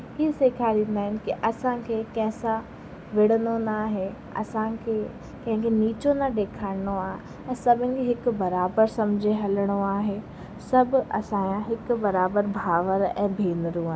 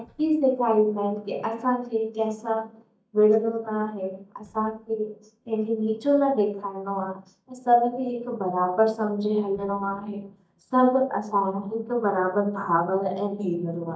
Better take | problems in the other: first | noise reduction (neural mask model DeepFilterNet 3)

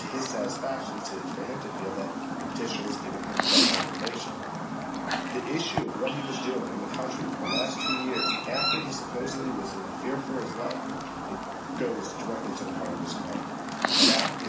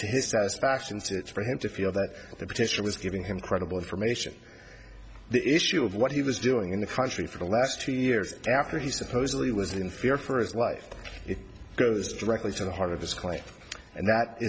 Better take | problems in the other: second | background sound (Chirp, tweet); 5 dB above the speech // room echo; dies away in 0.4 s

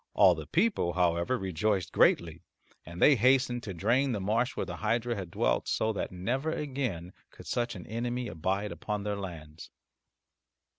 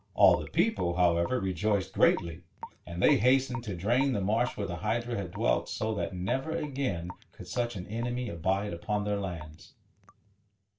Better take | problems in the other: first | background sound (Raindrop / Drip); 19 dB below the speech // room echo; dies away in 0.2 s

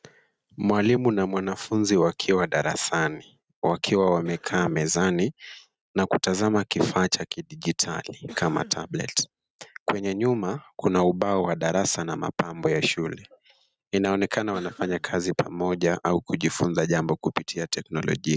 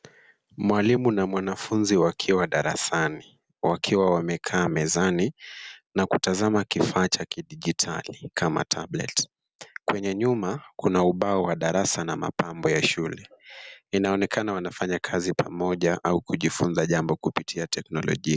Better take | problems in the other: second | noise reduction (neural mask model RNNoise)

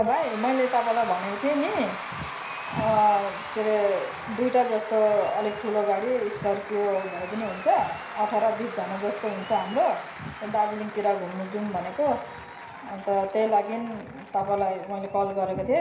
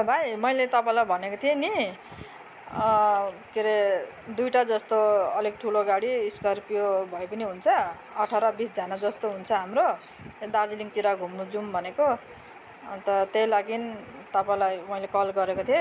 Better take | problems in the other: second | background sound (Applause / Crowd / Cheering); 13 dB below the speech // room echo; dies away in 0.5 s

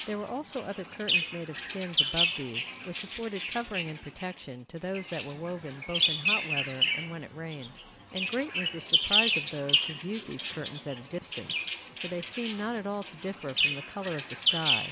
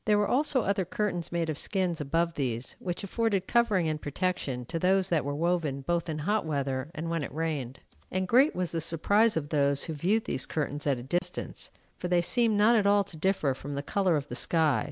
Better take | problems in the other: second | background sound (Bird vocalization, bird call, bird song); 4 dB above the speech

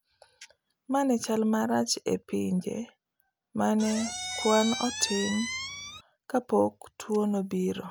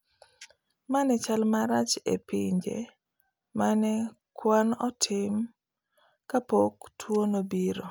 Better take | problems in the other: second | background sound (Squeak); 6 dB below the speech

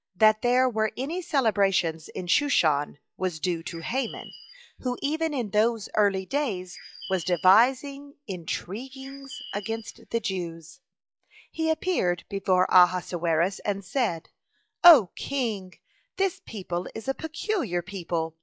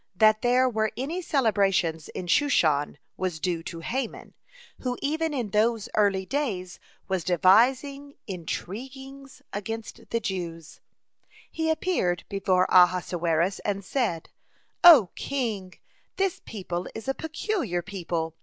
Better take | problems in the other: second | noise reduction (classical method log-MMSE)

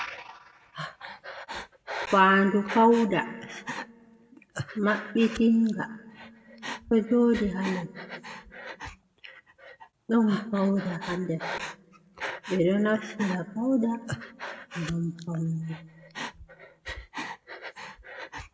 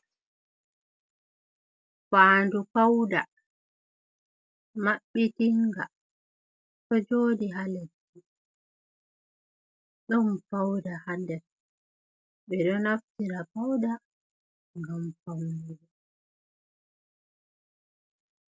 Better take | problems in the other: second | background sound (Breathing); 12 dB below the speech // room echo; dies away in 1.1 s

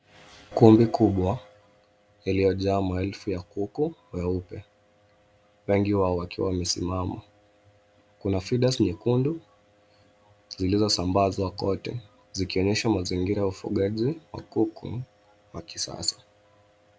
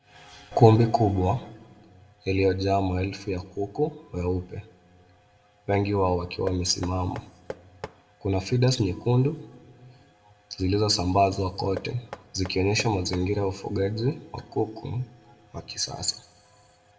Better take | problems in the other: first | background sound (Knock); 17 dB below the speech // room echo; dies away in 0.6 s

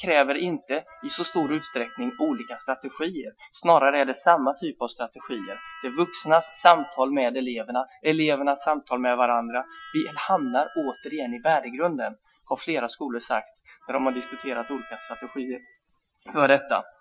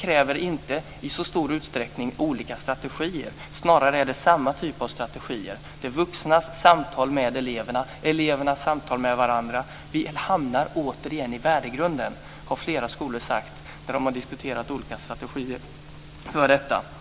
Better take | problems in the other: second | noise reduction (classical method Wiener filter)

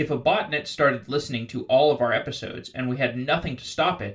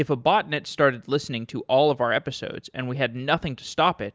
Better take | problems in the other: second | room echo; dies away in 0.2 s

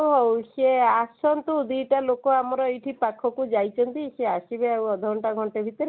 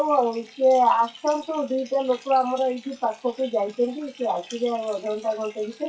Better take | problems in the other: first | noise reduction (classical method WPE with log-MMSE)

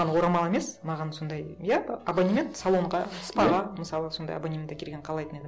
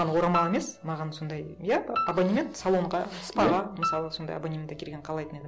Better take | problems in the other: first | background sound (Piano); 8 dB below the speech

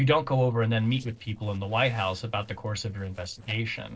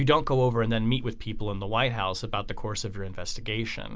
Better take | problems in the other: second | noise reduction (neural separator model SepFormer DNS4)

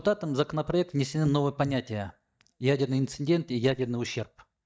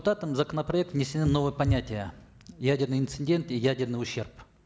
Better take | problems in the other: second | noise reduction (neural mask model DeepFilterNet 3)

